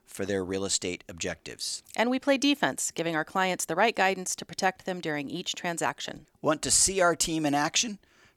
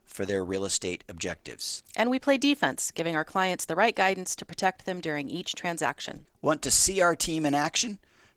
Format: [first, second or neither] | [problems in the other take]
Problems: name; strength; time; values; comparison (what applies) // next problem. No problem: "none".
first | garbled, watery; slightly